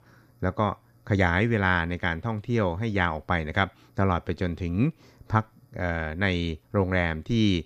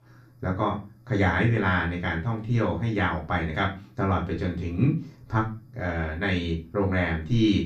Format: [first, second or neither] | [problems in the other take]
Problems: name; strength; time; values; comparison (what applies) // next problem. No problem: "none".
first | off-mic speech; far // room echo; slight; dies away in 0.3 s